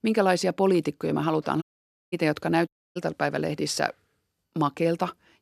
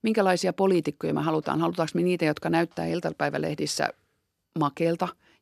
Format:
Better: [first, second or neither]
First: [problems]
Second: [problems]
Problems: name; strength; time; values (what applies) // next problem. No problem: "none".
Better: second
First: audio cutting out; at 1.5 s for 0.5 s and at 2.5 s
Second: none